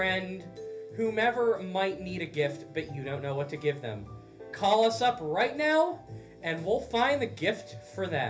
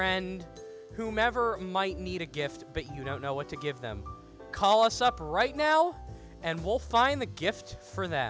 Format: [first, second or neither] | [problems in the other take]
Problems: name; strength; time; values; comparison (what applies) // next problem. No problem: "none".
second | room echo; dies away in 0.3 s